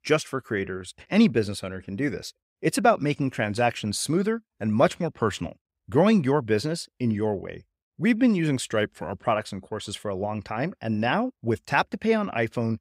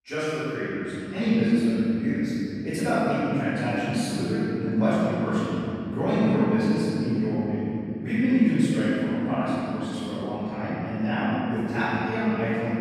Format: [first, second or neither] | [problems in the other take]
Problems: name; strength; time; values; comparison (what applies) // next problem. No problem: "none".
first | off-mic speech; far // room echo; strong; dies away in 3 s